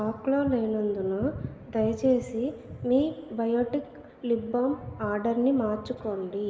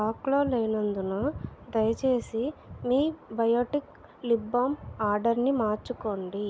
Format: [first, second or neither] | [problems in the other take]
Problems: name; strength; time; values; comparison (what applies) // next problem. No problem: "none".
second | room echo; dies away in 2.4 s